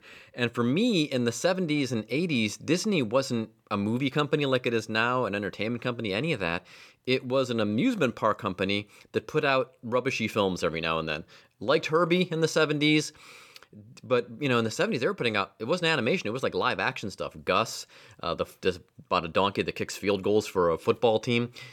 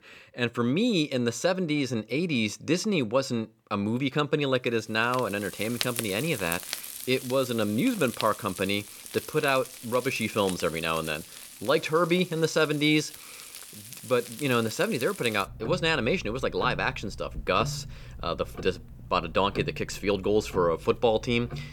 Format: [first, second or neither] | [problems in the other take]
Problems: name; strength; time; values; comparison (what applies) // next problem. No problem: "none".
first | household noises; noticeable; from 5.5 s on; 10 dB below the speech